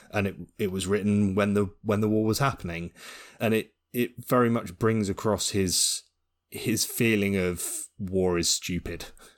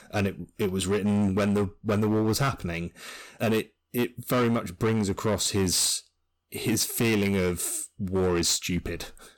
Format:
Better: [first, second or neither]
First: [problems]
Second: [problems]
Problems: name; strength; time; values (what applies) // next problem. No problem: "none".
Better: first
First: none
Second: distortion; slight; 11% of the sound clipped